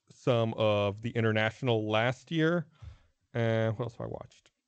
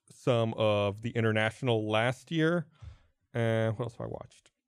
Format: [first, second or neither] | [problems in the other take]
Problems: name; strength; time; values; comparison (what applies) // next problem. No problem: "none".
second | garbled, watery; slightly; nothing above 7.5 kHz